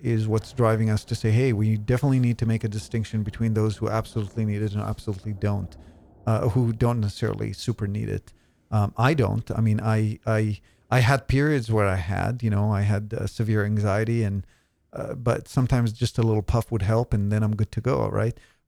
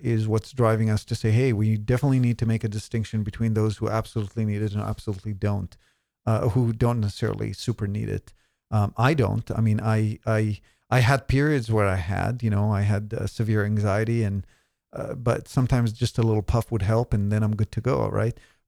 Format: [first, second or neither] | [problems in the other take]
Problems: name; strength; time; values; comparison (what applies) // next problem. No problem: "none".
second | rain or running water; faint; throughout; 30 dB below the speech